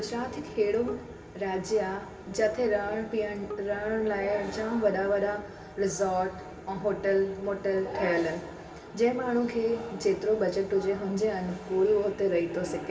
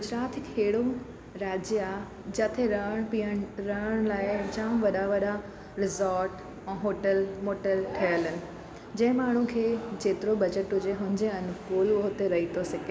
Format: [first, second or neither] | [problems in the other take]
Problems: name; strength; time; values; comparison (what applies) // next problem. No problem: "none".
second | background sound (Bowed string instrument); 18 dB below the speech // room echo; dies away in 0.2 s